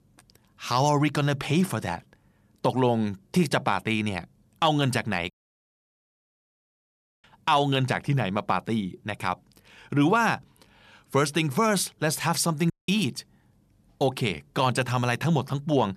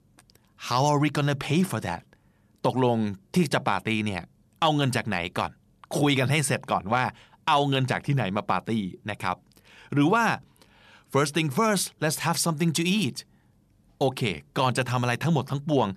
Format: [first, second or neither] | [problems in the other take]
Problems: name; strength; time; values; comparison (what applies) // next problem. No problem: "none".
second | audio cutting out; at 5.5 s for 2 s and at 13 s